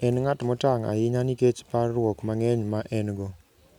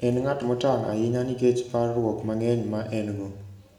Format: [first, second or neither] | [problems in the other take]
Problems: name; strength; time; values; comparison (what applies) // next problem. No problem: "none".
first | room echo; dies away in 0.9 s